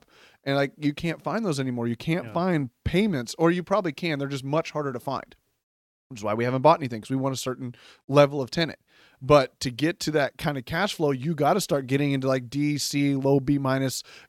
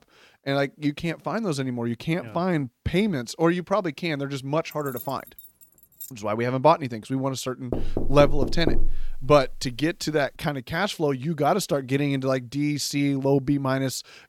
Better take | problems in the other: first | jangling keys; faint; from 4.5 to 6 s; peak 15 dB below the speech // door banging; noticeable; from 7.5 to 9.5 s; peak 3 dB below the speech

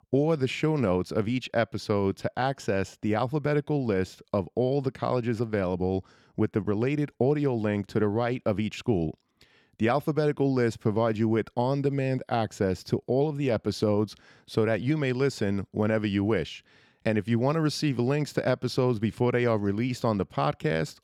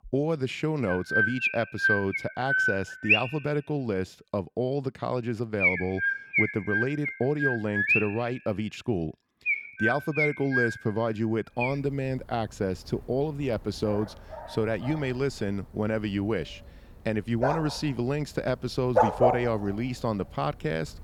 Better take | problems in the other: first | animal sounds; very loud; throughout; 3 dB above the speech

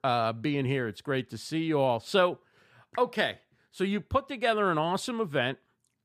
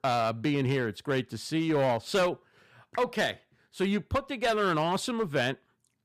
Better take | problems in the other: first | distortion; slight; 7% of the sound clipped

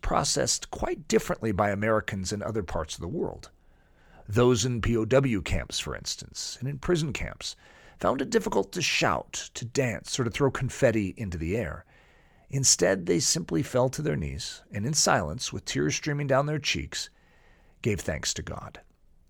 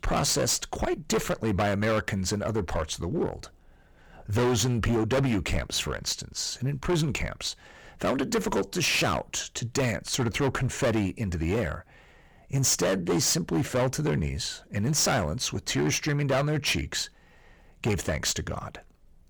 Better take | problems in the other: first | distortion; heavy; 13% of the sound clipped

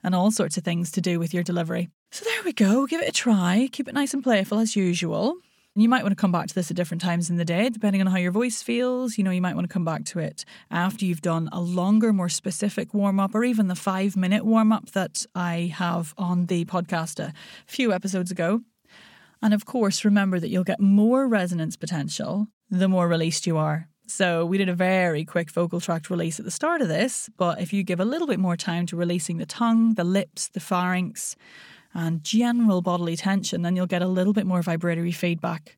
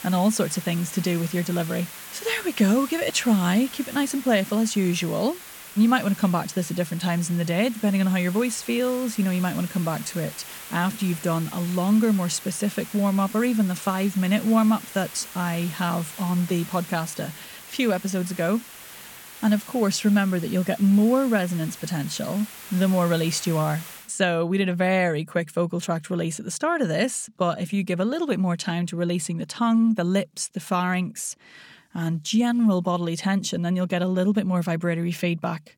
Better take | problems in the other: first | hiss; noticeable; until 24 s; 15 dB below the speech

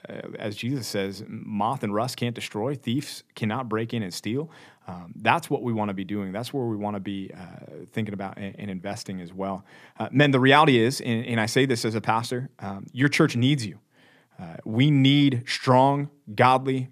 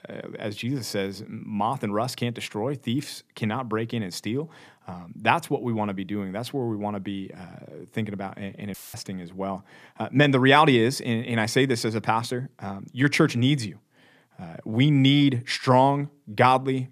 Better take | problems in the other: first | audio cutting out; filled with static; at 8.5 s

